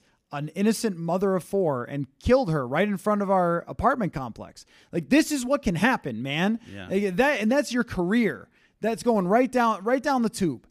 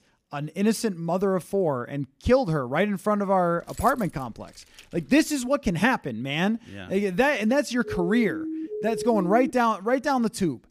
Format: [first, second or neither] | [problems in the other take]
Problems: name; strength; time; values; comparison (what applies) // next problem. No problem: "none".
first | jangling keys; faint; from 3.5 to 5 s; peak 15 dB below the speech // siren; noticeable; from 8 to 9.5 s; peak 7 dB below the speech